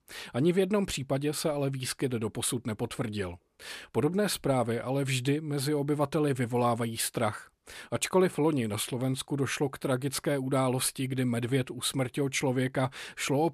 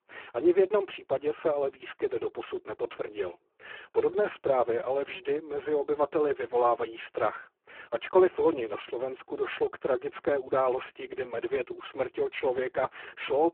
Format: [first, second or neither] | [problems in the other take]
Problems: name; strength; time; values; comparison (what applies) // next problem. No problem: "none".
first | phone-call audio; poor line